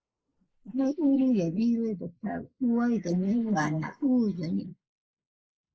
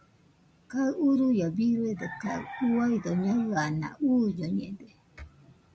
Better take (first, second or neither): second